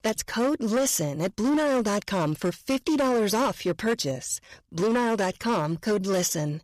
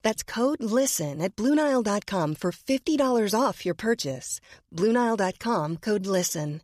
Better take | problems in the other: second | distortion; slight; 14% of the sound clipped

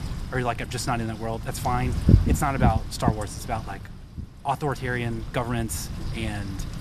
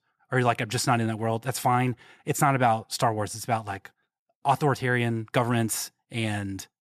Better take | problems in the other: second | wind noise on the microphone; heavy; 9 dB below the speech

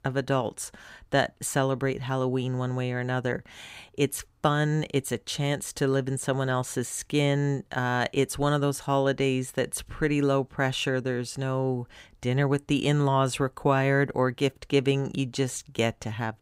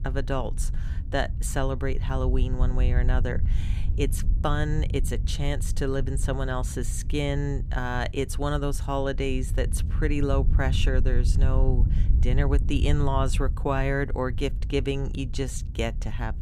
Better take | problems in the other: first | wind noise on the microphone; occasional gusts; 15 dB below the speech

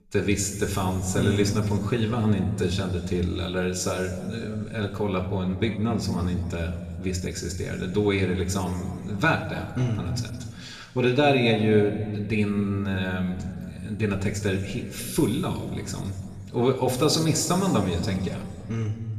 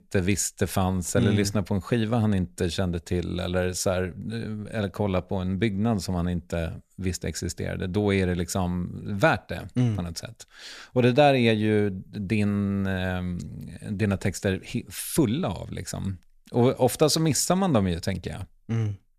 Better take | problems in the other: second | room echo; noticeable; dies away in 1.8 s // off-mic speech; somewhat distant

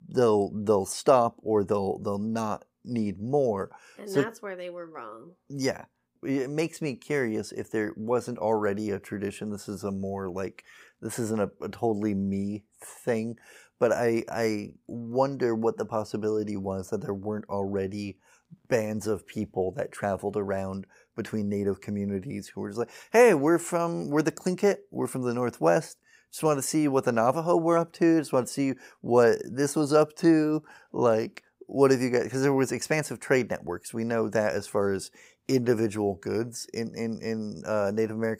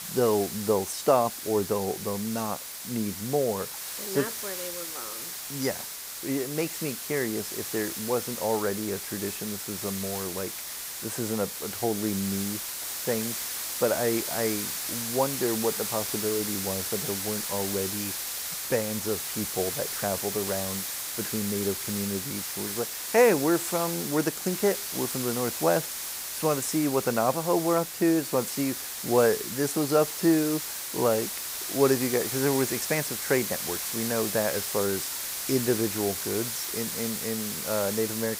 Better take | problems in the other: first | hiss; loud; throughout; 3 dB below the speech

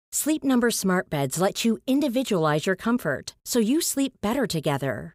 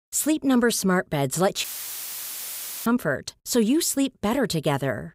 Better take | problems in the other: first | audio cutting out; filled with static; at 1.5 s for 1 s

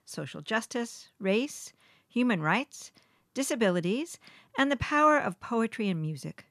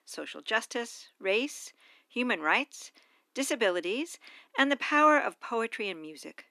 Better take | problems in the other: first | thin; very slightly; fading below 300 Hz

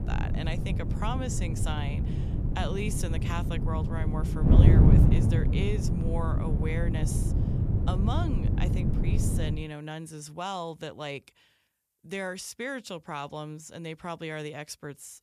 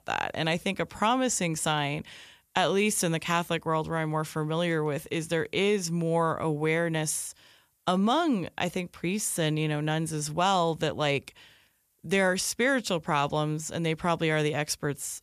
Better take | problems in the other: second | wind noise on the microphone; heavy; until 9.5 s; 1 dB below the speech

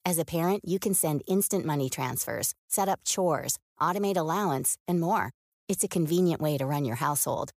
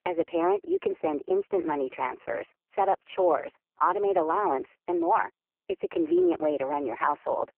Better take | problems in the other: first | phone-call audio; poor line

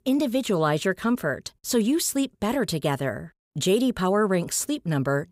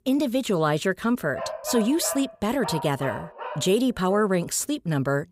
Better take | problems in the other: first | dog barking; noticeable; from 1.5 to 4 s; peak 8 dB below the speech

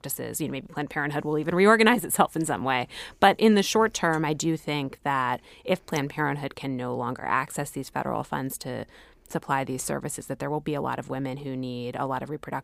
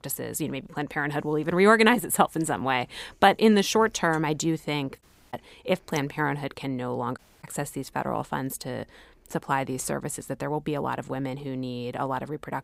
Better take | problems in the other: first | audio cutting out; at 5 s and at 7 s

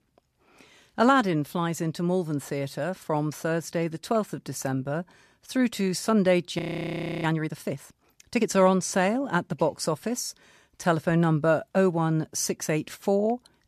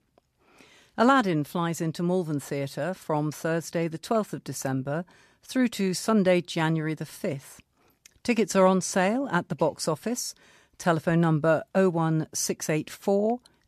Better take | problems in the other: second | audio freezing; at 6.5 s for 0.5 s

